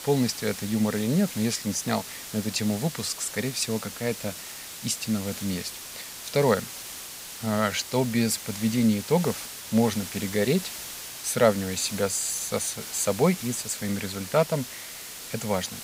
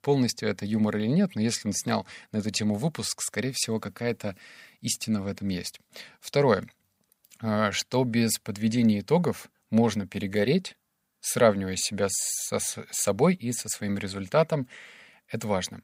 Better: second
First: hiss; loud; throughout; 9 dB below the speech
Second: none

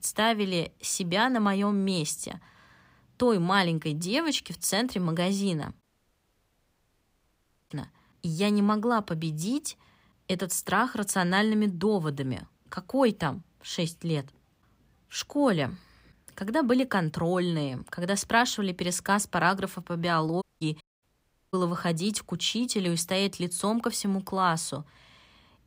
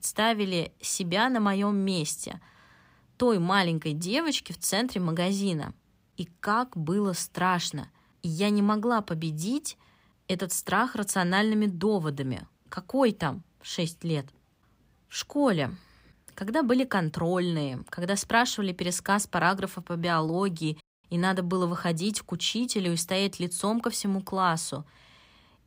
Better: second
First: audio cutting out; at 6 s for 2 s, at 20 s and at 21 s for 0.5 s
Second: none

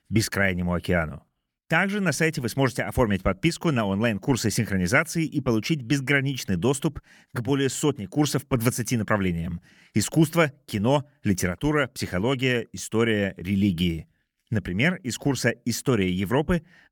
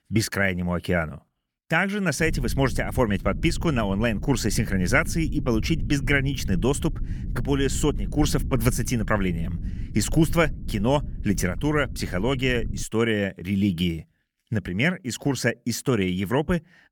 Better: first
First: none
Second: low rumble; noticeable; from 2 to 13 s; 20 dB below the speech

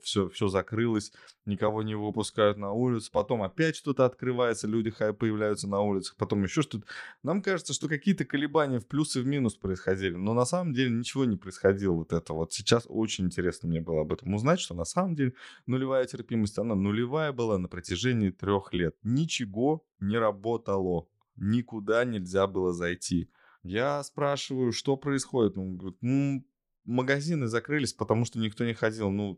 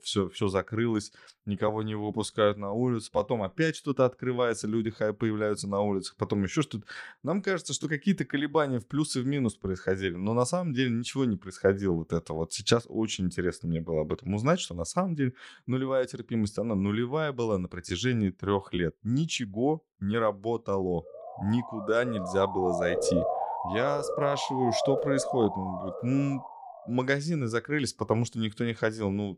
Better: first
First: none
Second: siren; loud; from 21 to 27 s; peak 1 dB above the speech

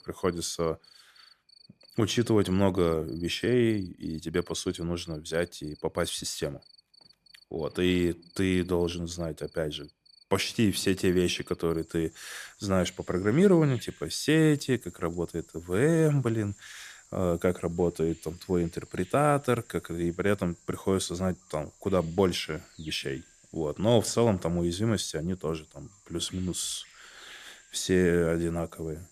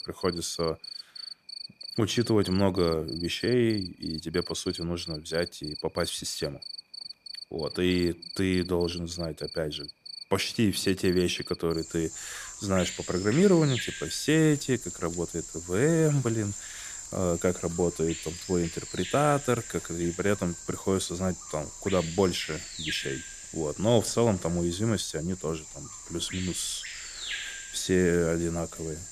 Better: first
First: animal sounds; faint; throughout; 25 dB below the speech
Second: animal sounds; loud; throughout; 10 dB below the speech

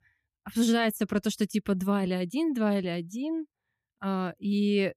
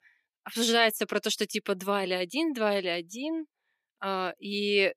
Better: first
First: none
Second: thin; somewhat; fading below 450 Hz

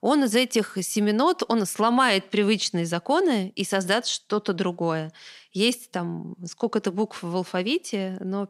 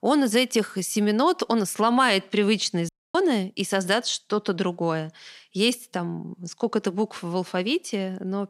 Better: first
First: none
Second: audio cutting out; at 3 s

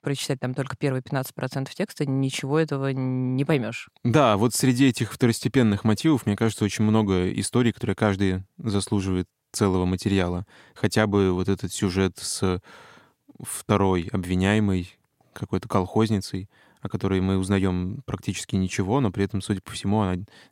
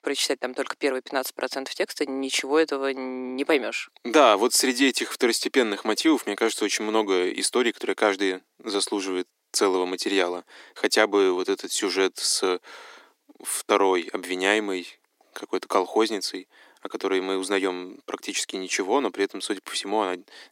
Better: first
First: none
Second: thin; somewhat; fading below 300 Hz

